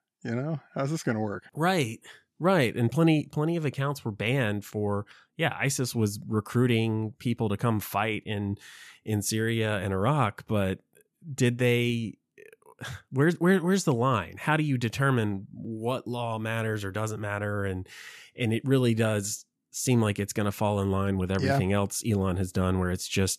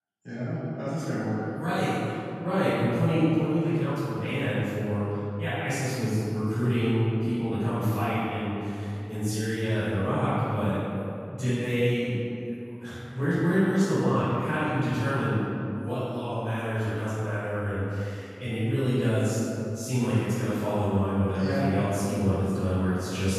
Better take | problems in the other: first | room echo; strong; dies away in 2.5 s // off-mic speech; far

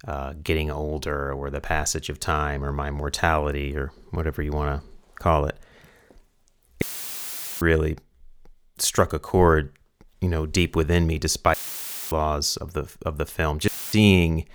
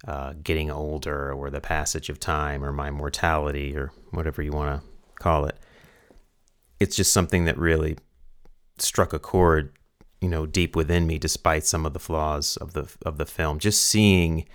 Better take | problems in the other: second | audio cutting out; filled with static; at 7 s for 1 s, at 12 s for 0.5 s and at 14 s

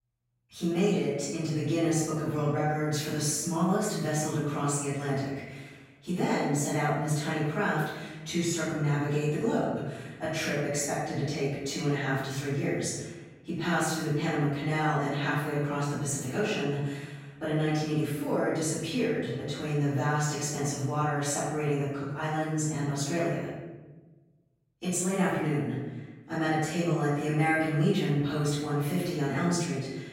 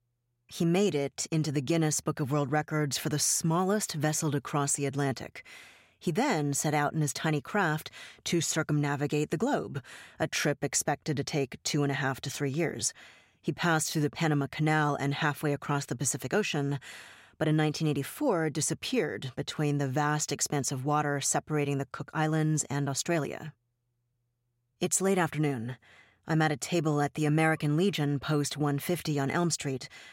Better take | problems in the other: second | off-mic speech; far // room echo; strong; dies away in 1.1 s

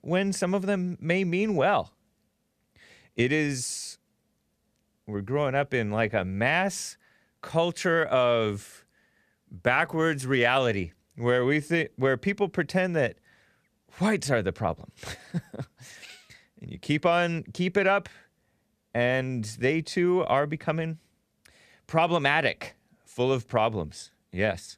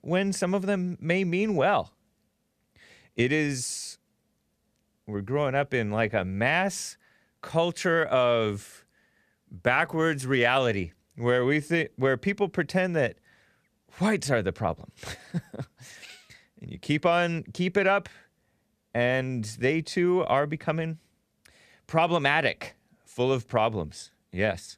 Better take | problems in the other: neither | none

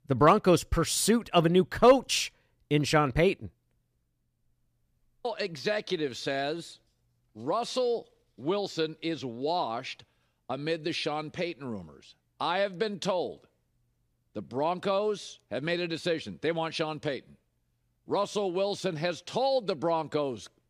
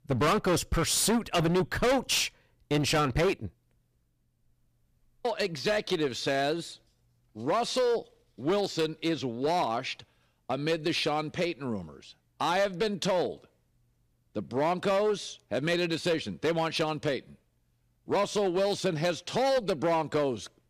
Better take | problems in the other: first | distortion; heavy; 9% of the sound clipped

